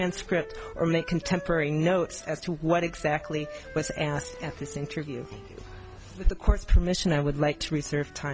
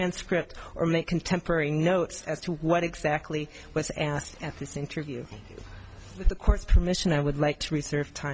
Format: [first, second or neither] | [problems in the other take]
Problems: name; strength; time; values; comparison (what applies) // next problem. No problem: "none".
second | background sound (Wind instrument, woodwind instrument); 18 dB below the speech